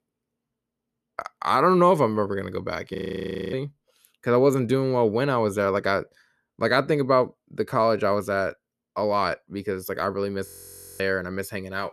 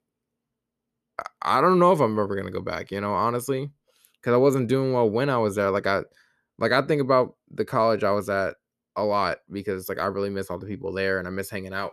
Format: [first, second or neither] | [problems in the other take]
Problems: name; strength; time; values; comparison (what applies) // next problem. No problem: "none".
second | audio freezing; at 3 s for 0.5 s and at 10 s for 0.5 s